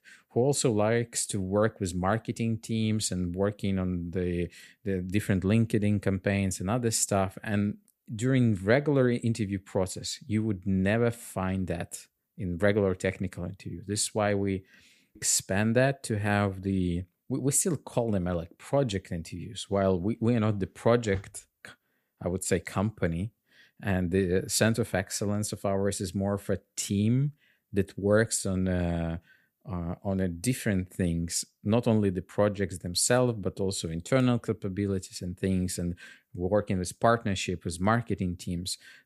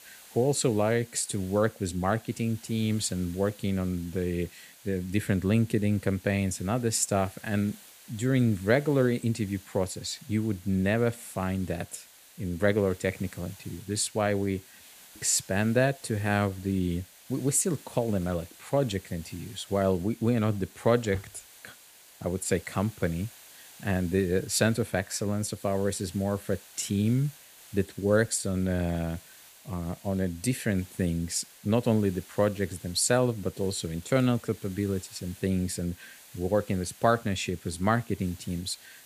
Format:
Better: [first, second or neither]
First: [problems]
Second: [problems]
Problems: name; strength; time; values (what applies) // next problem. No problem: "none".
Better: first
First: none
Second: hiss; faint; throughout; 20 dB below the speech